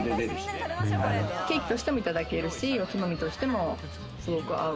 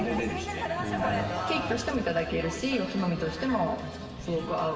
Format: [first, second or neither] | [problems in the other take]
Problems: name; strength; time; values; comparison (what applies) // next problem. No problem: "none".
first | background sound (Bowed string instrument); 19 dB below the speech // room echo; dies away in 2.1 s